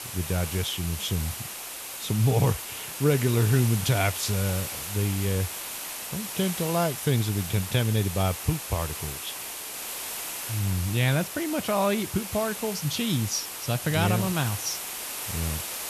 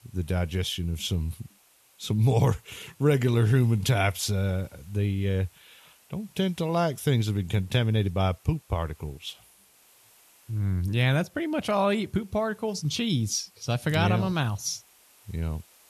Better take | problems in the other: second | hiss; loud; throughout; 6 dB below the speech; faint in the second

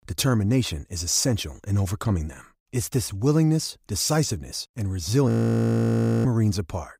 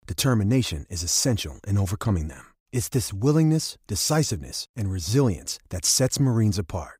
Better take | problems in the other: second | audio freezing; at 5.5 s for 1 s

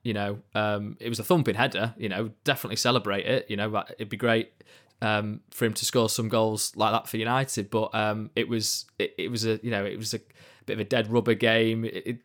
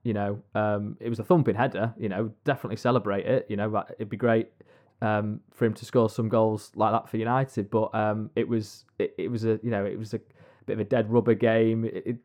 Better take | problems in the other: first | muffled; very; fading above 2 kHz

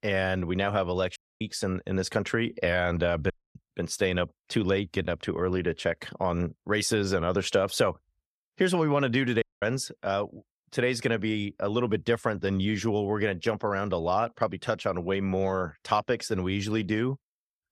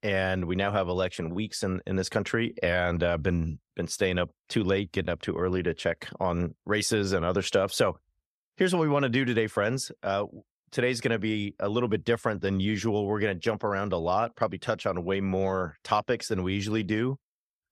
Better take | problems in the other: second | audio cutting out; at 1 s, at 3.5 s and at 9.5 s

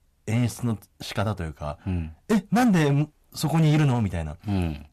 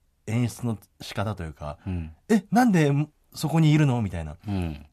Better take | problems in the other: second | distortion; slight; 7% of the sound clipped

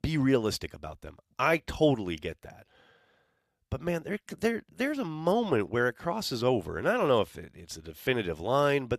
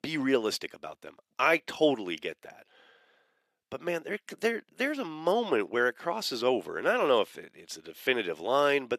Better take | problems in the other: first | thin; very slightly; fading below 350 Hz

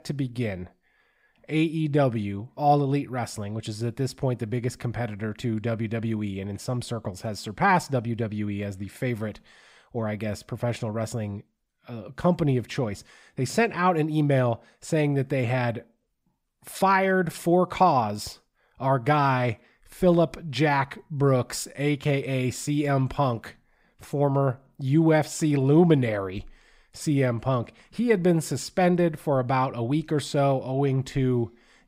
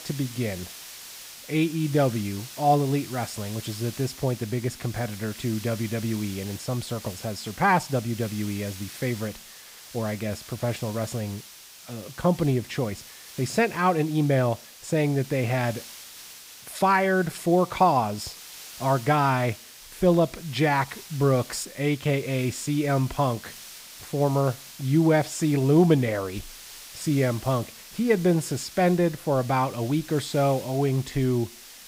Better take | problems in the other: first | hiss; noticeable; throughout; 15 dB below the speech

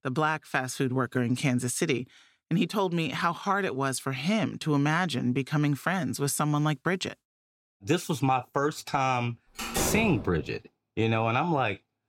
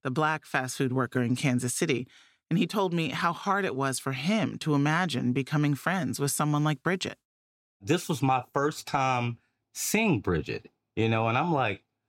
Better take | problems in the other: second | door banging; noticeable; at 9.5 s; peak 1 dB below the speech

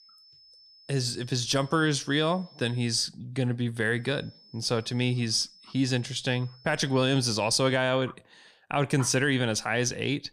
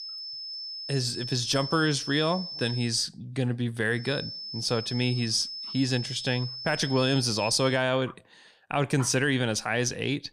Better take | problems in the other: first | high-pitched whine; loud; until 3 s and from 4 to 7.5 s; 5.5 kHz, 8 dB below the speech; faint in the first

